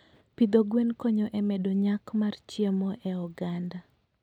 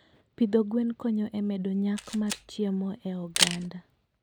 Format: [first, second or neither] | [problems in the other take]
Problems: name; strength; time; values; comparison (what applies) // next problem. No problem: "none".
first | background sound (Camera); 5 dB below the speech